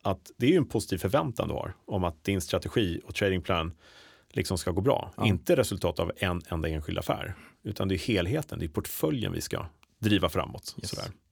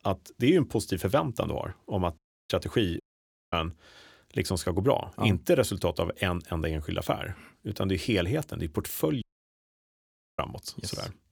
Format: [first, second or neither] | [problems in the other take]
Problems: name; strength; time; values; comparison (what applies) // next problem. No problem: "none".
first | audio cutting out; at 2 s, at 3 s for 0.5 s and at 9 s for 1 s